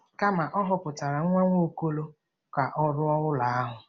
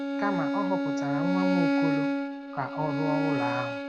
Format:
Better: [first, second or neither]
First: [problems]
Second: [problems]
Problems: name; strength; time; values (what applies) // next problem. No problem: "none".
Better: first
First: none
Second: background sound (Bowed string instrument); 4 dB above the speech